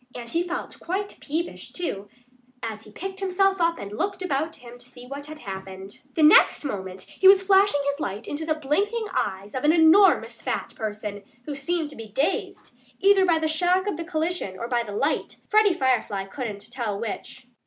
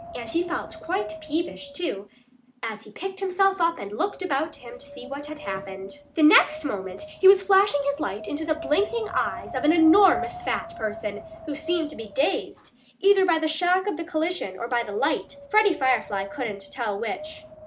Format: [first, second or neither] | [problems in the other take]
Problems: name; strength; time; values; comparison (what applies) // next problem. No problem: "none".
first | background sound (Wind); 15 dB below the speech